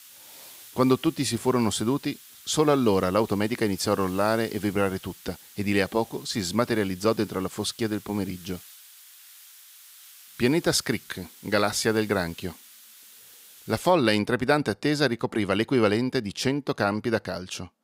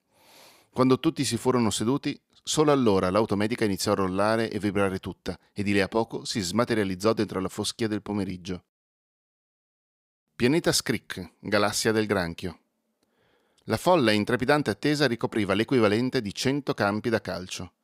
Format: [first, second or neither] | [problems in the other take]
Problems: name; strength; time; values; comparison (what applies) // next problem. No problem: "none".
second | hiss; faint; until 14 s; 20 dB below the speech